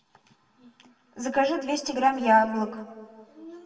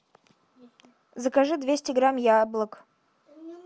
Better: second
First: room echo; dies away in 1.6 s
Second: none

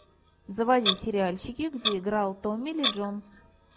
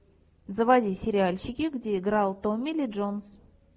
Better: second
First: background sound (Clock); 5 dB below the speech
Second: none

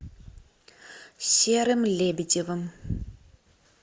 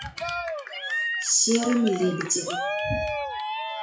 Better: first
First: none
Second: noise reduction (classical method WPE with log-MMSE)

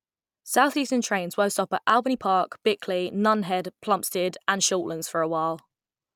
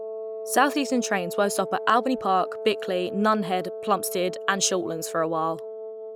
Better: first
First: none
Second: background sound (Wind instrument, woodwind instrument); 9 dB below the speech

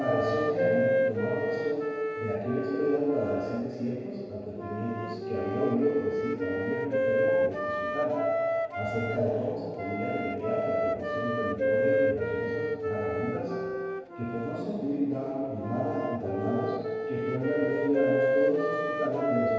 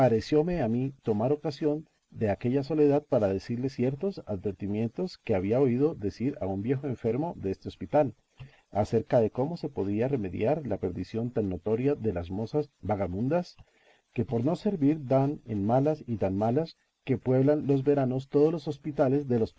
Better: second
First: background sound (Wind instrument, woodwind instrument); as loud as the speech // room echo; dies away in 1.9 s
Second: none

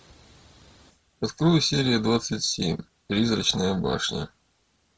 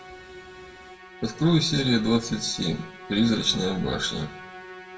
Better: first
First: none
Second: background sound (Musical instrument); 17 dB below the speech // room echo; dies away in 0.5 s

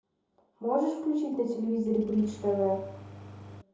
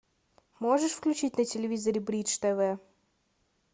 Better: second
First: background sound (Engine starting); 17 dB below the speech // room echo; dies away in 2.6 s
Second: none

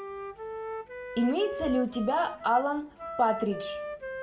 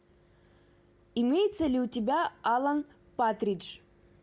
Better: second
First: background sound (Wind instrument, woodwind instrument); 8 dB below the speech // room echo; dies away in 0.3 s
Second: none

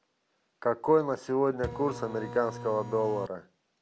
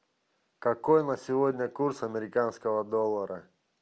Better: second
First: background sound (Printer); 10 dB below the speech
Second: none

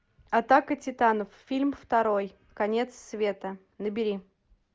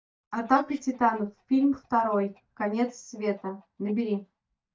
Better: first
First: none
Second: noise reduction (neural mask model DeepFilterNet 3)

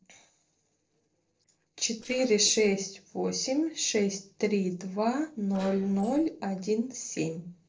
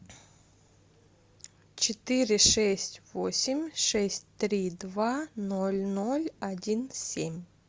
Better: second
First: noise reduction (neural separator model SepFormer DNS4)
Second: none

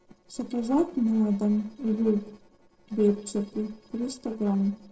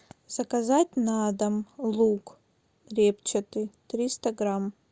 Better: second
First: noise reduction (neural separator model SepFormer DNS4)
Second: none

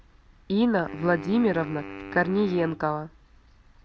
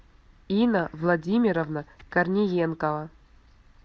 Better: second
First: background sound (Wind instrument, woodwind instrument); 14 dB below the speech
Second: none

